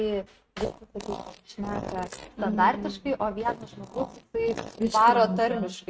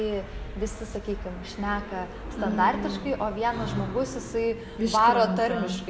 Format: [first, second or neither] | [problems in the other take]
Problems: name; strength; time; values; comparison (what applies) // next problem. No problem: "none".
second | noise reduction (neural mask model RNNoise)